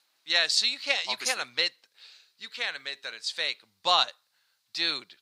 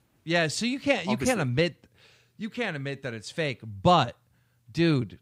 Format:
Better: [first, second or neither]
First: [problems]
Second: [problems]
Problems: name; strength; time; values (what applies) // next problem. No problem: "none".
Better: second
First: thin; very; fading below 950 Hz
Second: none